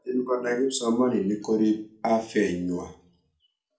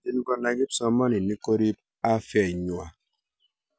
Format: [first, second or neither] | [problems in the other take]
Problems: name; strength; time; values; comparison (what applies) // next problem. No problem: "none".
second | room echo; dies away in 0.4 s